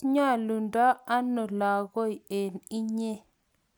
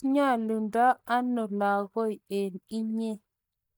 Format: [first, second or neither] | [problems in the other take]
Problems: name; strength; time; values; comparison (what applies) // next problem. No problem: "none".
first | noise reduction (neural mask model DeepFilterNet 3)